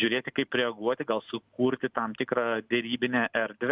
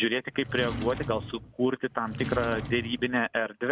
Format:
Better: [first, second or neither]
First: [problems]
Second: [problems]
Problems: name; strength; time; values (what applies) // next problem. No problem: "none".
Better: first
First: none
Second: background sound (Drawer open or close); 8 dB below the speech